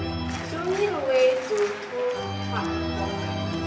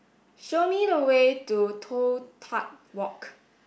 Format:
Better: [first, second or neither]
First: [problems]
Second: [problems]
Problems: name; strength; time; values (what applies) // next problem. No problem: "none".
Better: second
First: background sound (Organ); 3 dB below the speech // room echo; dies away in 1.3 s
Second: none